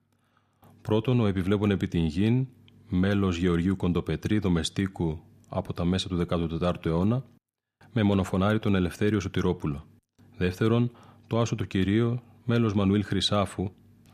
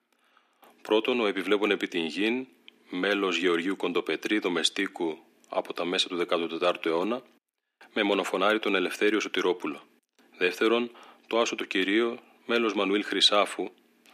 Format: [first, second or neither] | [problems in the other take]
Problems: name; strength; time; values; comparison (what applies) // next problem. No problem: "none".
first | thin; somewhat; fading below 300 Hz